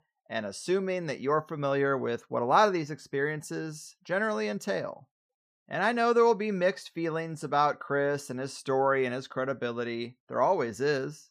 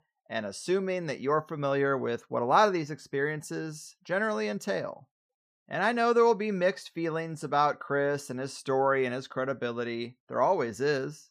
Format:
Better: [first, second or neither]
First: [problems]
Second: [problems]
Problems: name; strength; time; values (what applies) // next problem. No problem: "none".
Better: neither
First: none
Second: none